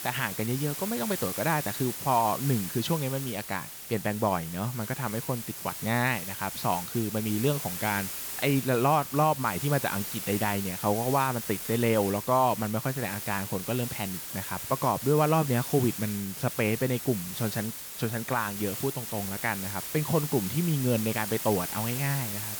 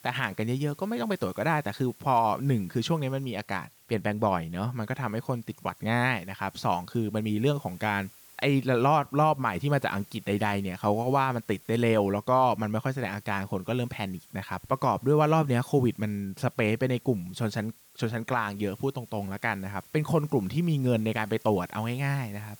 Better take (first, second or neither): second